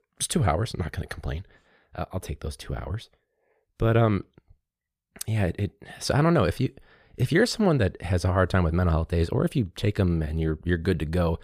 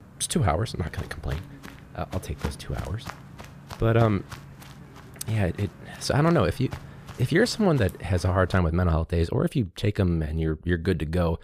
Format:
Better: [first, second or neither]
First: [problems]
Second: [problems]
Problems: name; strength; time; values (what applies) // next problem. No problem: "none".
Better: first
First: none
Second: footsteps; faint; until 8.5 s; peak 10 dB below the speech